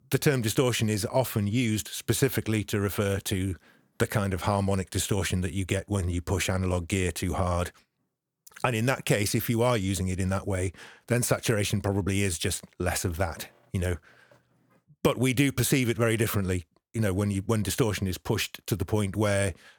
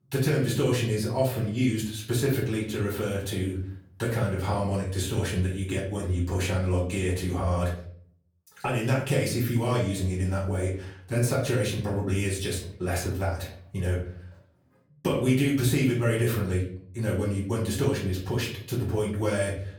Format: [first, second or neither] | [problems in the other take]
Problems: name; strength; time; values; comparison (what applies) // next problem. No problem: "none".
first | off-mic speech; far // room echo; slight; dies away in 0.5 s